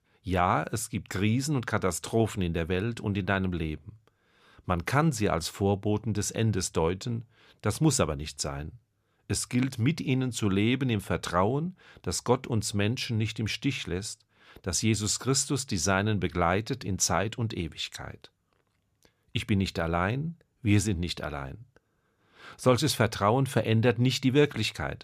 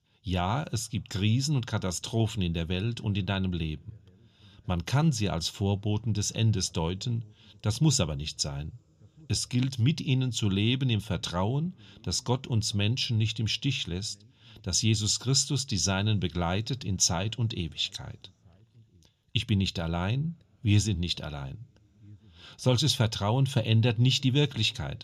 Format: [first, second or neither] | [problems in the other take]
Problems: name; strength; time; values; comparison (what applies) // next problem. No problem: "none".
first | room echo; very slight; dies away in 3 s